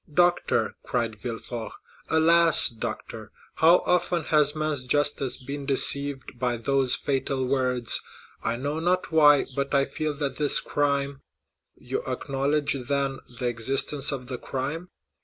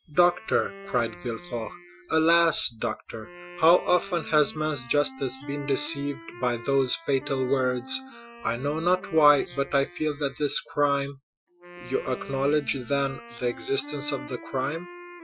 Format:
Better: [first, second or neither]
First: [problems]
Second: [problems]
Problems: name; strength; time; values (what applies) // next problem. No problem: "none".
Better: first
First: none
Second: noise reduction (classical method Wiener filter)